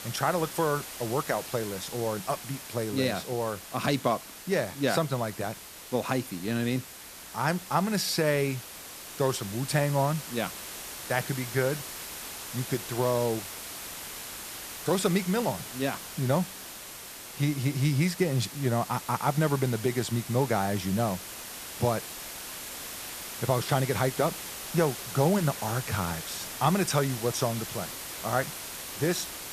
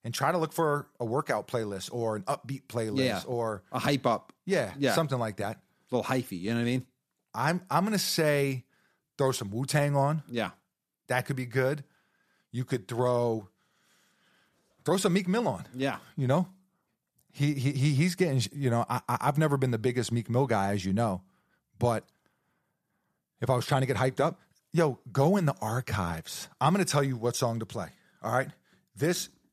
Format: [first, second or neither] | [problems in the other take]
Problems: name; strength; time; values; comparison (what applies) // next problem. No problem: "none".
second | hiss; loud; throughout; 9 dB below the speech